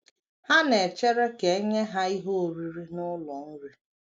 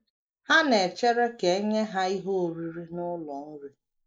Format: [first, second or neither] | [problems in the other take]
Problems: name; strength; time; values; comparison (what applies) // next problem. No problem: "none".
first | noise reduction (neural mask model Resemble Enhance denoiser)